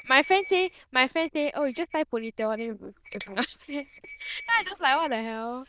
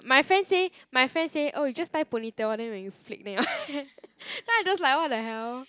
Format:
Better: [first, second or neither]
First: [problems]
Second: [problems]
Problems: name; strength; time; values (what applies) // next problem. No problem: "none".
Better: second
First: noise reduction (neural diffusion model UNIVERSE++)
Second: none